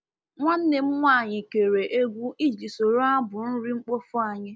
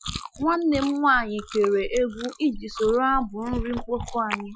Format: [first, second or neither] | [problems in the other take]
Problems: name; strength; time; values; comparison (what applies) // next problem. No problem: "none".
first | noise reduction (classical method Wiener filter)